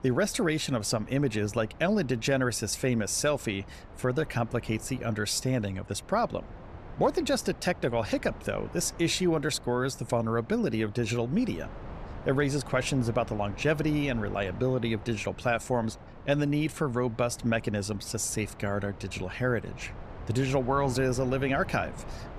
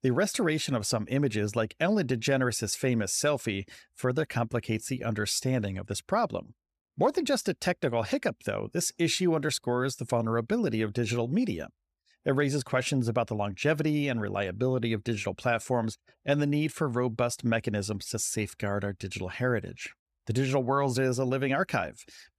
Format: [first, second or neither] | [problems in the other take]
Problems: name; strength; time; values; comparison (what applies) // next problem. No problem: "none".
second | wind noise on the microphone; occasional gusts; 20 dB below the speech